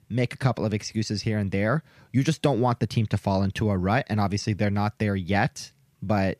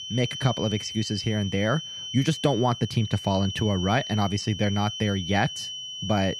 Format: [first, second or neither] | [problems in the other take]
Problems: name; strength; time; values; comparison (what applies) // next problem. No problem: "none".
first | high-pitched whine; loud; throughout; 3 kHz, 8 dB below the speech